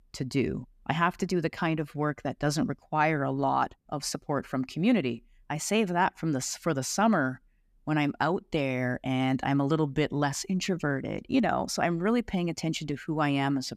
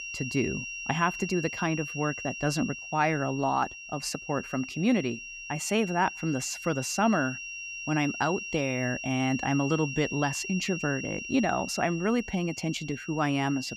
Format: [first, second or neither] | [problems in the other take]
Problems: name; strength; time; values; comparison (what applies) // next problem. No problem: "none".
first | high-pitched whine; loud; throughout; 2.5 kHz, 8 dB below the speech